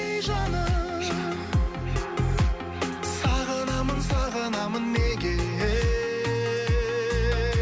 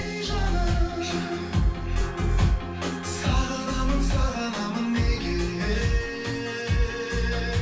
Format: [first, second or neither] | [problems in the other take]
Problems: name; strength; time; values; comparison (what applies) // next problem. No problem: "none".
first | room echo; dies away in 0.3 s